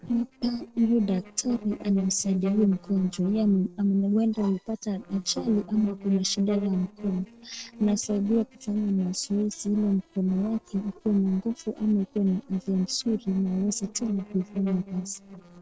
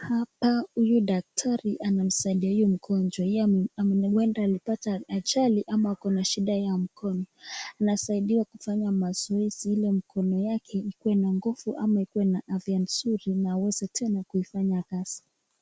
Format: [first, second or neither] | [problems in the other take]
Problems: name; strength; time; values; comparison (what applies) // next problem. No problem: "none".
second | noise reduction (neural separator model SepFormer DNS4)